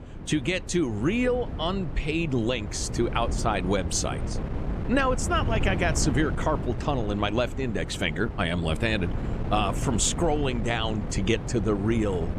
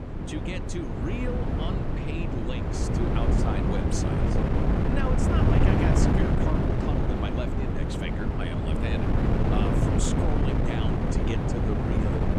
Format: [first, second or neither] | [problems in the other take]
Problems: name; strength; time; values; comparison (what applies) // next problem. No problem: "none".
first | wind noise on the microphone; heavy; 5 dB above the speech; occasional gusts in the first